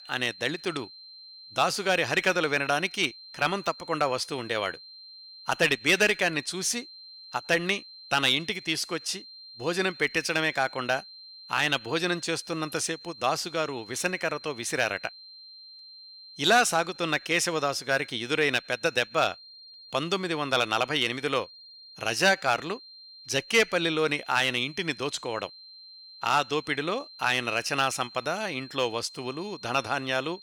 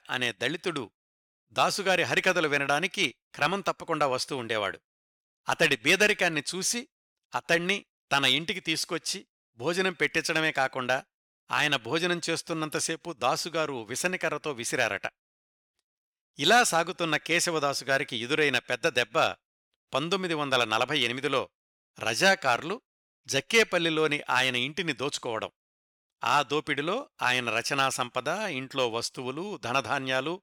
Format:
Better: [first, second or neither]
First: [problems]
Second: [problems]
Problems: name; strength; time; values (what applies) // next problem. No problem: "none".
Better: second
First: high-pitched whine; noticeable; throughout; 4 kHz, 20 dB below the speech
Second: none